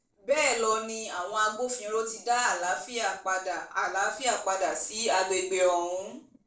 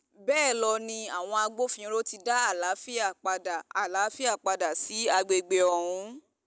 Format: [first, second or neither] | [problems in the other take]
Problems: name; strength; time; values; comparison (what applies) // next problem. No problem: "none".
second | noise reduction (neural separator model SepFormer DNS4)